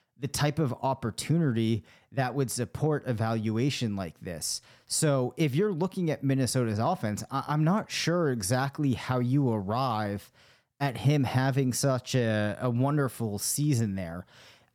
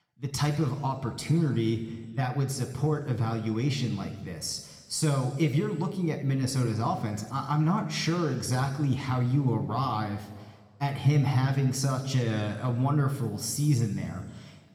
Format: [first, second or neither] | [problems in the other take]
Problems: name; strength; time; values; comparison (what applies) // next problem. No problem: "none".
first | room echo; slight; dies away in 1.3 s